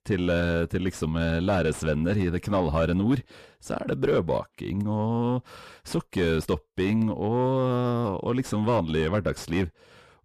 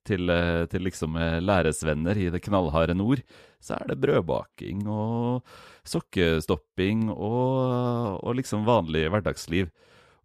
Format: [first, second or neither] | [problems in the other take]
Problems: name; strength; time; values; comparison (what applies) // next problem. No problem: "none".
second | distortion; slight; 10 dB below the speech